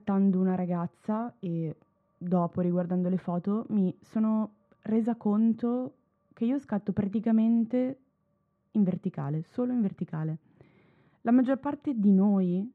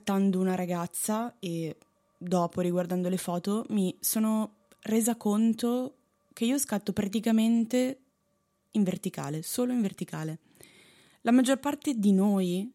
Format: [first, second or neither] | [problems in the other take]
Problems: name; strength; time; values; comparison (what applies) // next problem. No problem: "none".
second | muffled; very; fading above 1.5 kHz